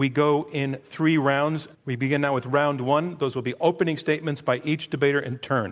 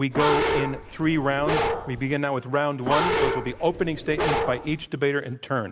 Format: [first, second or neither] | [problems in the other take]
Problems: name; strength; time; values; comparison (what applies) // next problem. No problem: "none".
first | background sound (Bark); 1 dB below the speech